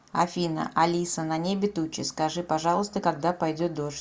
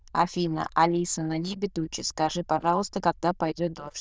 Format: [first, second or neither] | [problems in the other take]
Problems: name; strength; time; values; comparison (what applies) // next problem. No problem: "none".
first | noise reduction (neural diffusion model UNIVERSE++)